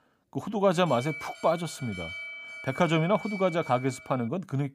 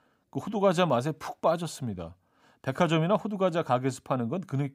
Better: second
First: alarm; noticeable; from 0.5 s on; peak 8 dB below the speech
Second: none

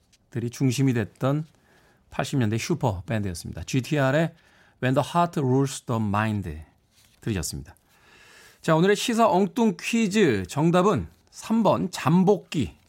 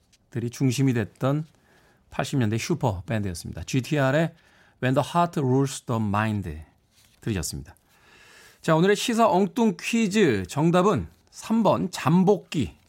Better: neither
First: none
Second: none

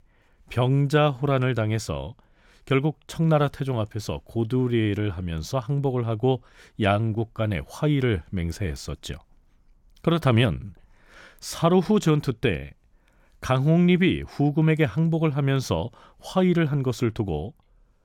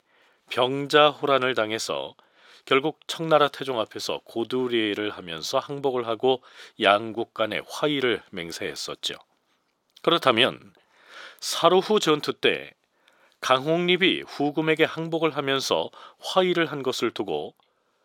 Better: first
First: none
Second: thin; very; fading below 450 Hz

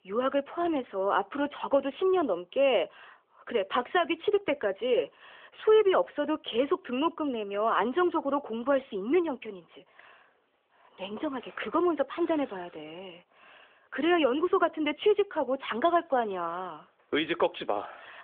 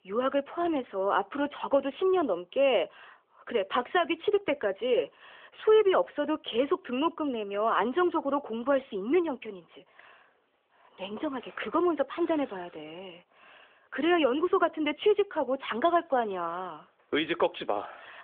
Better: neither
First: phone-call audio; nothing above 3.5 kHz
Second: phone-call audio; nothing above 3.5 kHz

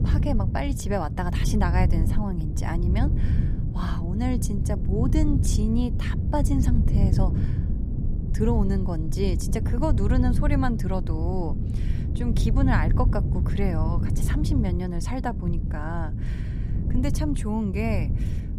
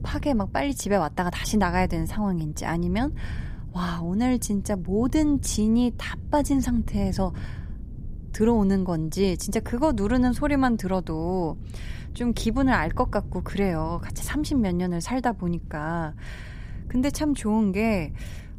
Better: second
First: wind noise on the microphone; heavy; 7 dB below the speech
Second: wind noise on the microphone; occasional gusts; 20 dB below the speech

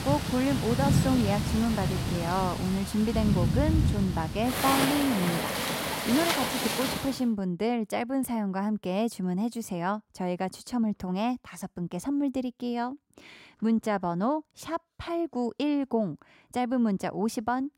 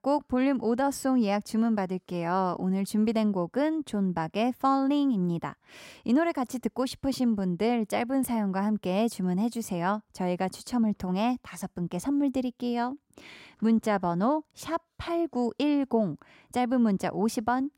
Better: second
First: rain or running water; very loud; until 7 s; 1 dB above the speech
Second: none

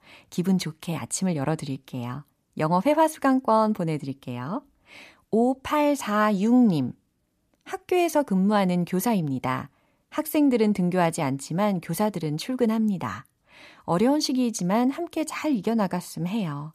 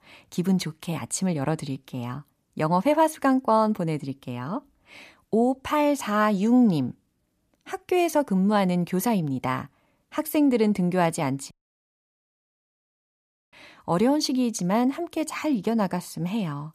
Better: first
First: none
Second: audio cutting out; at 12 s for 2 s

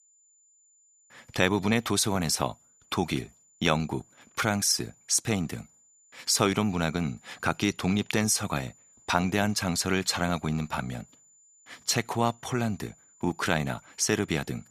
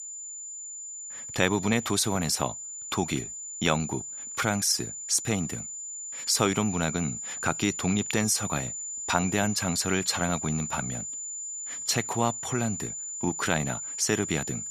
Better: first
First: high-pitched whine; faint; throughout; 7 kHz, 30 dB below the speech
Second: high-pitched whine; loud; throughout; 7 kHz, 6 dB below the speech

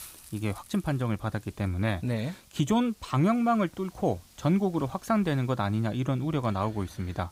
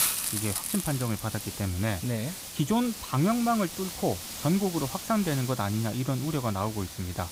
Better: first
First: hiss; faint; throughout; 25 dB below the speech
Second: hiss; loud; throughout; 6 dB below the speech

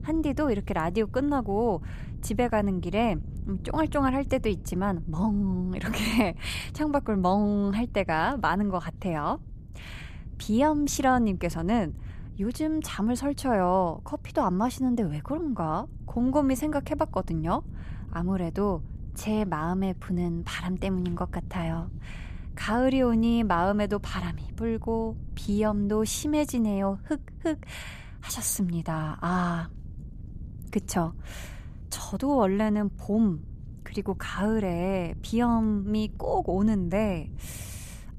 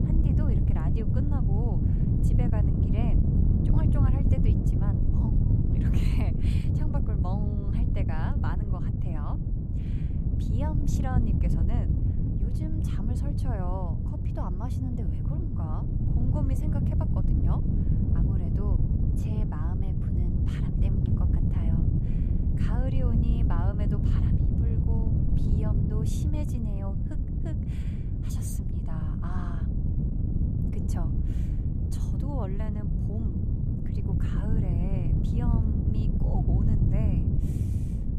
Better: first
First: wind noise on the microphone; occasional gusts; 25 dB below the speech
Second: wind noise on the microphone; heavy; 4 dB above the speech

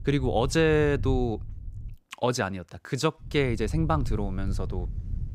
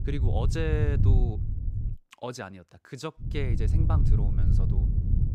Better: first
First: wind noise on the microphone; occasional gusts; until 2 s and from 3 s on; 25 dB below the speech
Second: wind noise on the microphone; heavy; until 2 s and from 3 s on; 5 dB below the speech

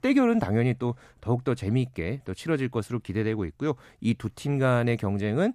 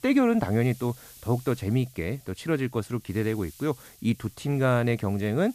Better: first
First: none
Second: hiss; faint; throughout; 20 dB below the speech

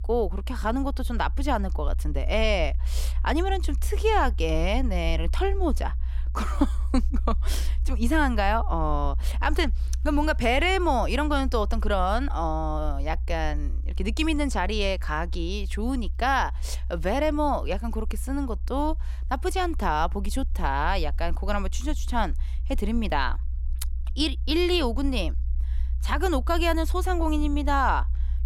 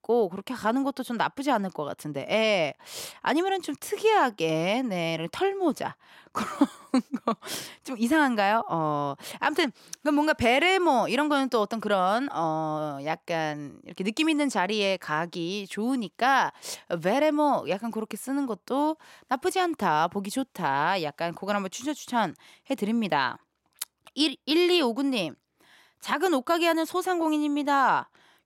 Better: second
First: low rumble; faint; throughout; 25 dB below the speech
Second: none

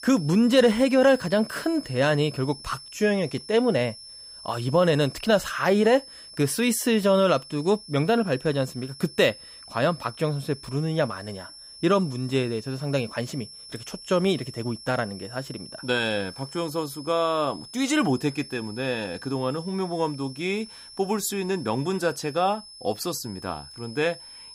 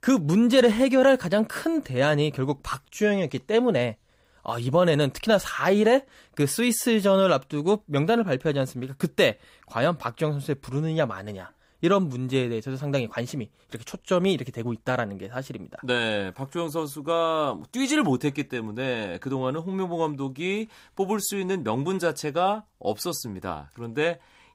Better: second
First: high-pitched whine; noticeable; throughout; 5.5 kHz, 15 dB below the speech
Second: none

